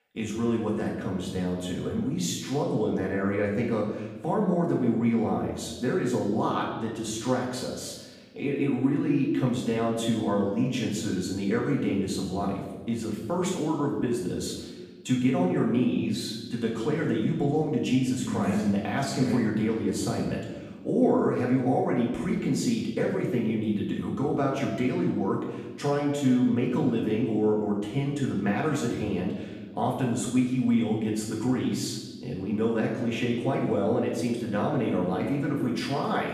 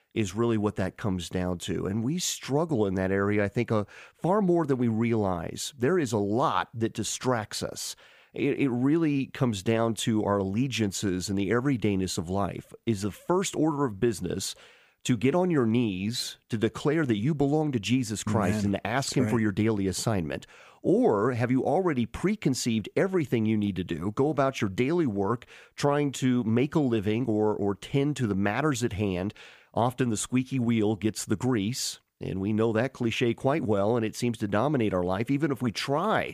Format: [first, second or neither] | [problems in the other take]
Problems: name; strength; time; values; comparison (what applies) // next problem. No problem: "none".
second | room echo; noticeable; dies away in 1.1 s // off-mic speech; far